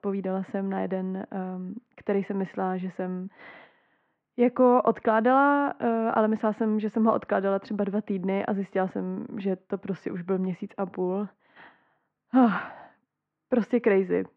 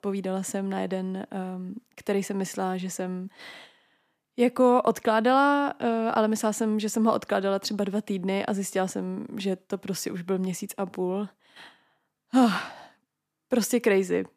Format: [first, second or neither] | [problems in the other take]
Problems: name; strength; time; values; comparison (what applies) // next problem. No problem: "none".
second | muffled; very; fading above 2 kHz